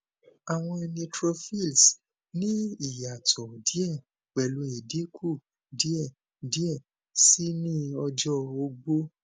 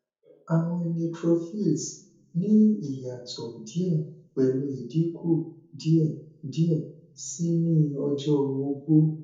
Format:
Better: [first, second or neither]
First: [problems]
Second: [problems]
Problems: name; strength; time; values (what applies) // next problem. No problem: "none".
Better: first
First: none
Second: room echo; dies away in 0.6 s